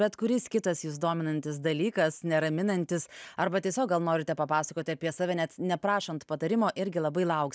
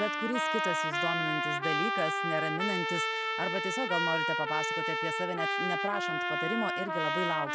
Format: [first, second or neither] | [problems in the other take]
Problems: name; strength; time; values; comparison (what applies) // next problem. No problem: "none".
first | background sound (Trumpet); 4 dB above the speech